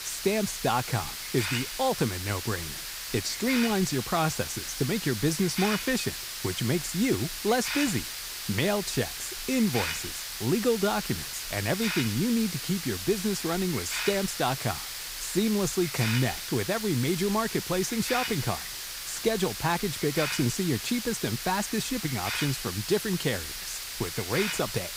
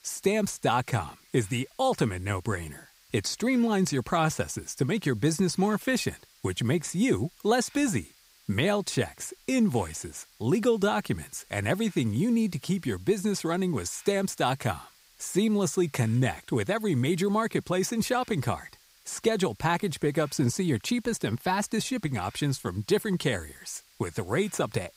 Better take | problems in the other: second | hiss; loud; throughout; 4 dB below the speech; faint in the second

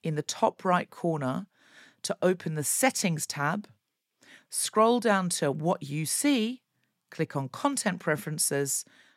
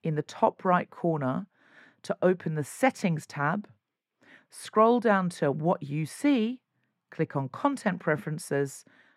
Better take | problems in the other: first | muffled; slightly; fading above 3.5 kHz

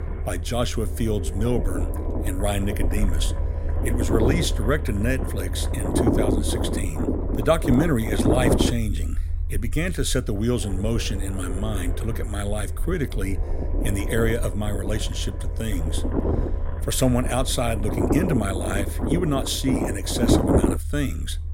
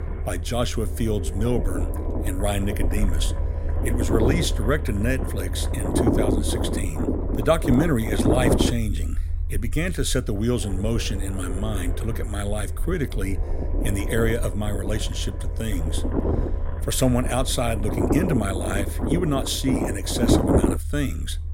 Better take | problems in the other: neither | low rumble; loud; throughout; 2 dB below the speech; the same in both

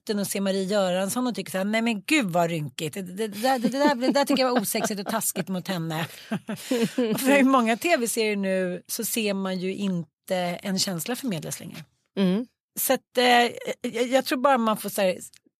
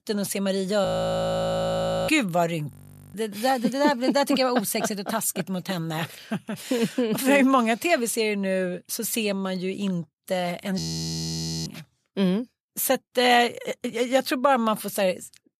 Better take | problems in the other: first | audio freezing; at 1 s for 1 s, at 2.5 s and at 11 s for 1 s

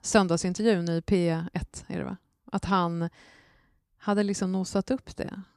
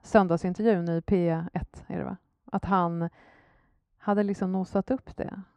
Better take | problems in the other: first | muffled; very; fading above 3 kHz

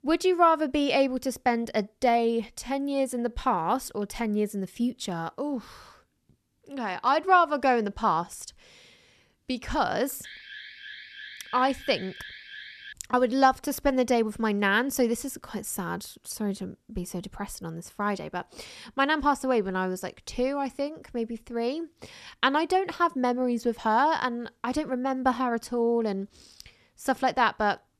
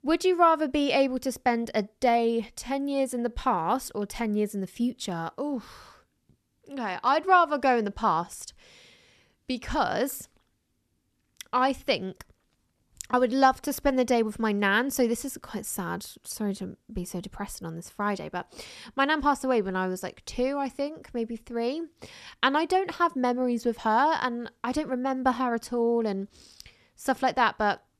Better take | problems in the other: second | alarm; faint; from 10 to 13 s; peak 15 dB below the speech

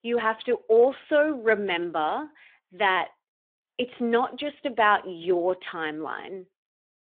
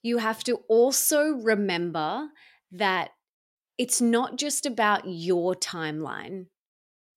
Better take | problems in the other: second | phone-call audio

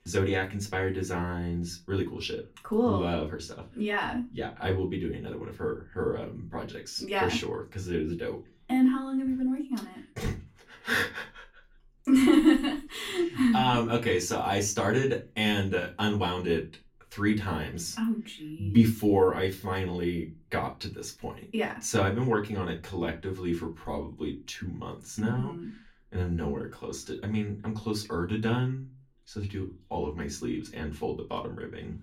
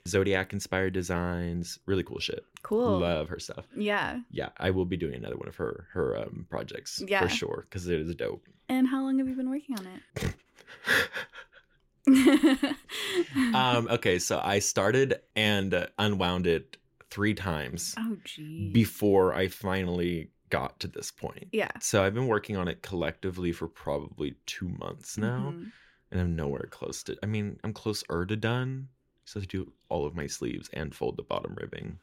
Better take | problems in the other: second | off-mic speech; far // room echo; very slight; dies away in 0.2 s

